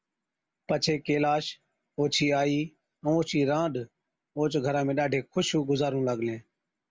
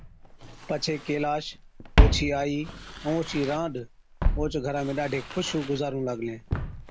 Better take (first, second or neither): first